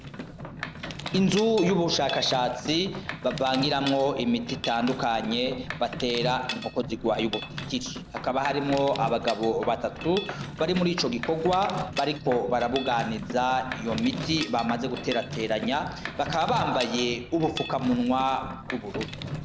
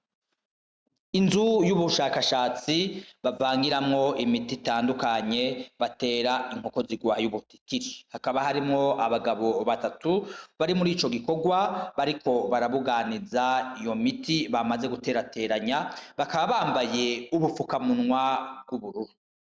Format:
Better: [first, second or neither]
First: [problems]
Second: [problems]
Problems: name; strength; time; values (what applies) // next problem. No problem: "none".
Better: second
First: background sound (Mechanisms); 9 dB below the speech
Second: none